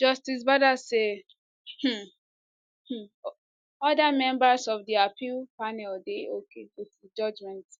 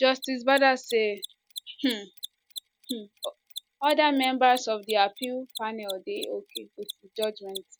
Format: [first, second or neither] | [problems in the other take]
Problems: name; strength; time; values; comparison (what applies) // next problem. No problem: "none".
first | background sound (Mechanisms); 16 dB below the speech